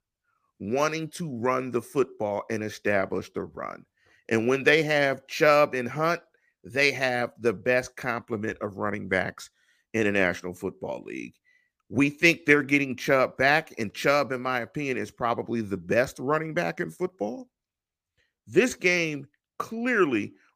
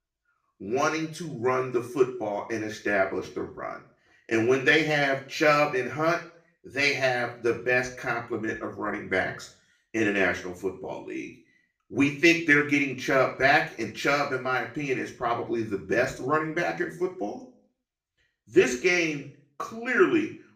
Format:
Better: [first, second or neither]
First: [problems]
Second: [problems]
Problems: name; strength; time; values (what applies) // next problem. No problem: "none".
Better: first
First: none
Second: room echo; slight; dies away in 0.4 s // off-mic speech; far